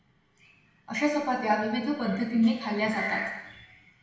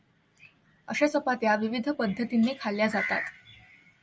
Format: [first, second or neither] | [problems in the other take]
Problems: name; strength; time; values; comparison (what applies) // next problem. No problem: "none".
second | room echo; dies away in 1 s